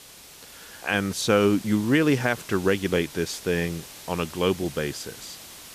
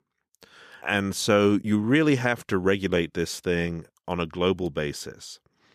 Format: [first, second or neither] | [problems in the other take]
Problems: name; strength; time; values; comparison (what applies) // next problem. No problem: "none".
second | hiss; noticeable; throughout; 15 dB below the speech